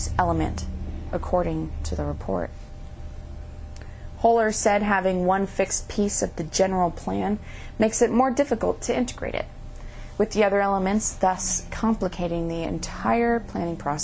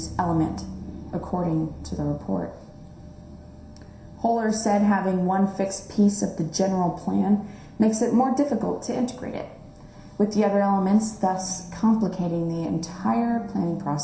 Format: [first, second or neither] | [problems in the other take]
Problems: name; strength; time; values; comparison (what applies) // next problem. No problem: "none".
first | room echo; dies away in 0.7 s